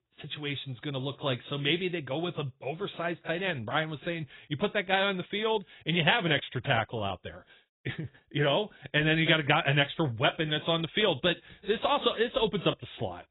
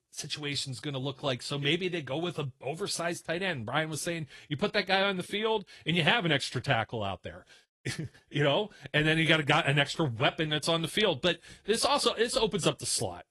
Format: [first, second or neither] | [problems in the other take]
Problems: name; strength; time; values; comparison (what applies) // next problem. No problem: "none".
second | garbled, watery; badly; nothing above 4 kHz; slightly in the second